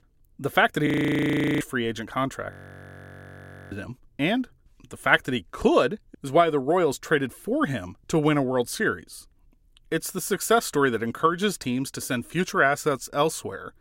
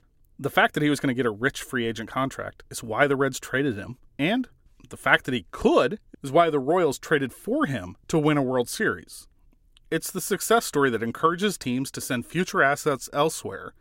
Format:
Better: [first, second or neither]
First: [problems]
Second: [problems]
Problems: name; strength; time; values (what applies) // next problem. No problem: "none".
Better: second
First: audio freezing; at 1 s for 0.5 s and at 2.5 s for 1 s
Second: none